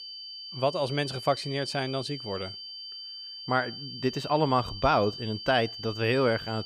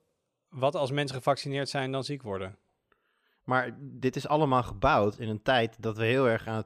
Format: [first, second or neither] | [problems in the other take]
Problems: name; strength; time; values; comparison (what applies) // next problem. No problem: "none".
second | high-pitched whine; loud; throughout; 4.5 kHz, 10 dB below the speech